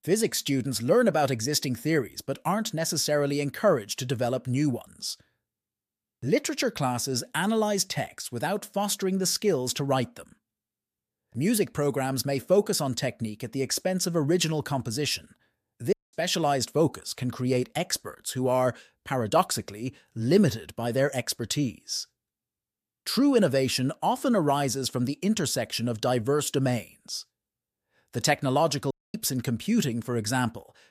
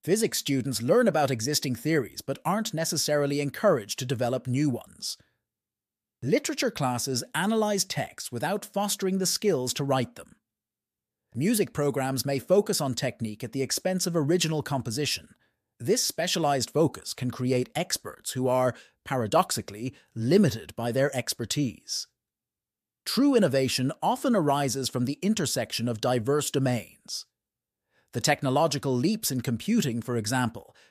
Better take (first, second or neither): second